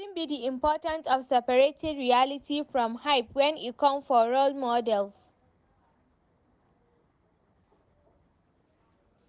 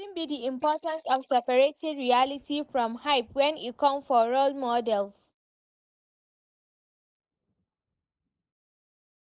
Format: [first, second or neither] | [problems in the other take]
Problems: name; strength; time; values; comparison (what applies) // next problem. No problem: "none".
first | noise reduction (neural mask model Resemble Enhance denoiser)